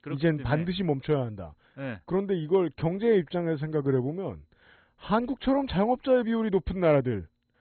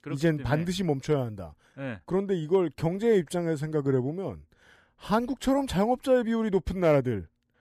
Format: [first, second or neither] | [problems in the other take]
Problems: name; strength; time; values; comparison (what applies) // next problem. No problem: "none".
second | garbled, watery; badly; nothing above 4 kHz